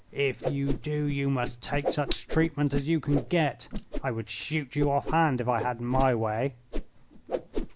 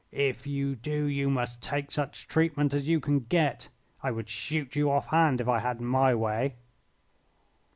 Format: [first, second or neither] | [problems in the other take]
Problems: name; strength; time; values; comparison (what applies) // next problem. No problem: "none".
second | background sound (Whoosh, swoosh, swish); 6 dB below the speech